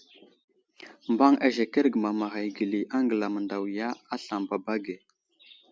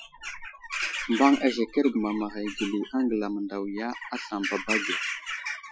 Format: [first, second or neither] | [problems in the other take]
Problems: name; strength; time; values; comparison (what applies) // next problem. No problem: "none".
first | noise reduction (classical method Wiener filter)